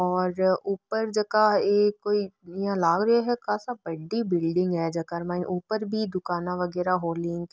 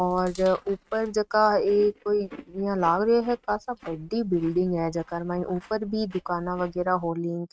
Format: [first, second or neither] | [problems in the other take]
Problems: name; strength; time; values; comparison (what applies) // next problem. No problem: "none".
first | noise reduction (neural mask model RNNoise)